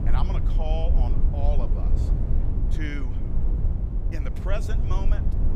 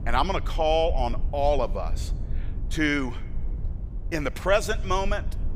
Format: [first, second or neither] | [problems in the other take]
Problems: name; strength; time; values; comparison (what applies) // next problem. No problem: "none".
second | low rumble; loud; throughout; 5 dB below the speech; faint in the second